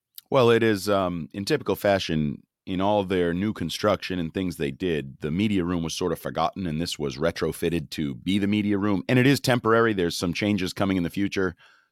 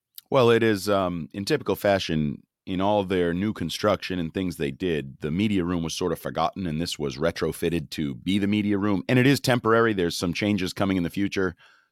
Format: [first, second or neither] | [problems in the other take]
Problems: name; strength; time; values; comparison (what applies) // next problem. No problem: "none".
neither | none